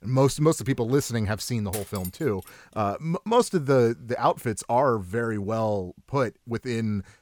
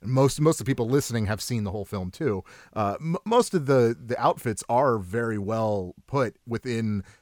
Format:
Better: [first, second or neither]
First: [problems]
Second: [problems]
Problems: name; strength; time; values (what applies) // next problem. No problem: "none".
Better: second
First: clattering dishes; faint; at 1.5 s; peak 10 dB below the speech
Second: none